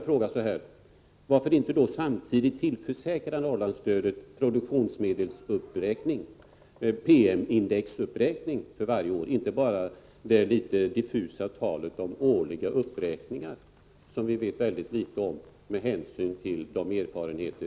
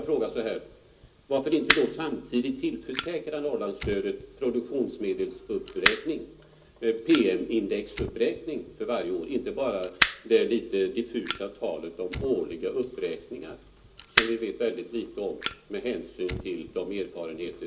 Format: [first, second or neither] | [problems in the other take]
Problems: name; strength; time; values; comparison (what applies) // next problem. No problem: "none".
first | background sound (Fire); 6 dB below the speech // room echo; dies away in 0.2 s